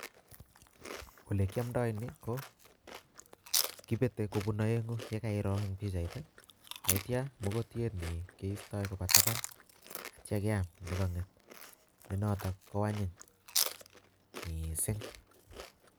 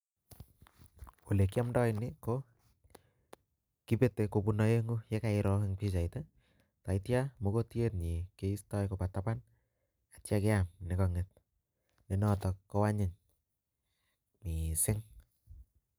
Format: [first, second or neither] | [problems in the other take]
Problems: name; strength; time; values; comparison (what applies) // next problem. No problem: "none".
second | background sound (Chewing, mastication); 3 dB below the speech